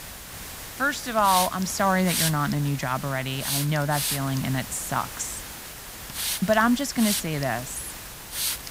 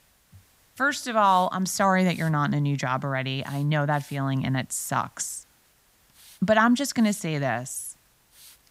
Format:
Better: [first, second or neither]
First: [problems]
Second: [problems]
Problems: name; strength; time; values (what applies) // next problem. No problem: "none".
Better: second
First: hiss; loud; throughout; 5 dB below the speech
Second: hiss; faint; throughout; 30 dB below the speech